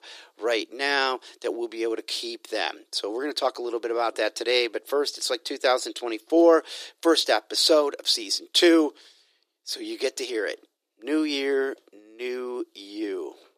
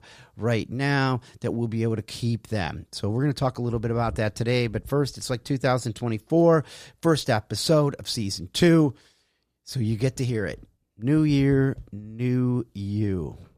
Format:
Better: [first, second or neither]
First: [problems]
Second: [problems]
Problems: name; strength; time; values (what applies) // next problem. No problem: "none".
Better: second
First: thin; very; fading below 350 Hz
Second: none